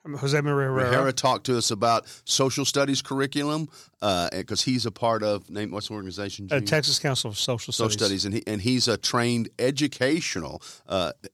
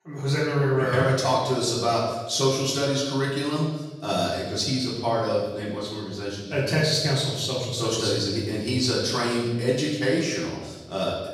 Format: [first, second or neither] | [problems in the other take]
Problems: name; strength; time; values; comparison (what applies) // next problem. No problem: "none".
first | room echo; noticeable; dies away in 1.1 s // off-mic speech; far